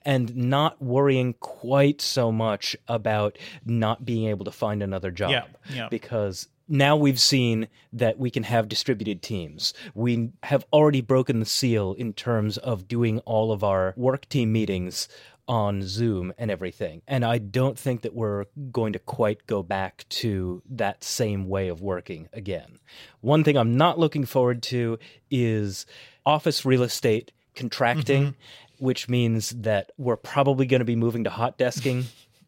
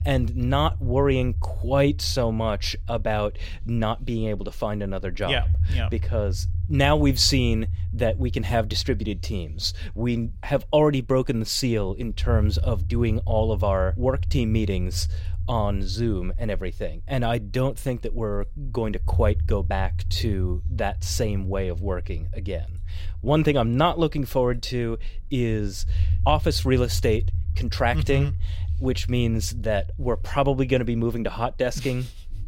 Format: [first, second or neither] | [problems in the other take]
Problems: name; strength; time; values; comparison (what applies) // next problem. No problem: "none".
first | low rumble; faint; throughout; 20 dB below the speech